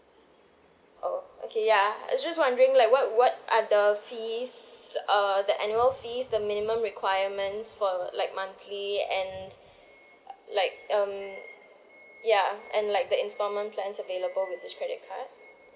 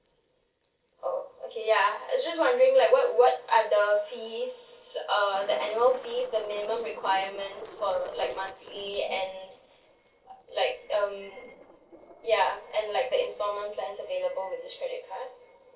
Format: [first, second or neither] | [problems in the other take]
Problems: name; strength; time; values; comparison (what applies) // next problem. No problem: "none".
first | noise reduction (neural separator model SepFormer DNS4)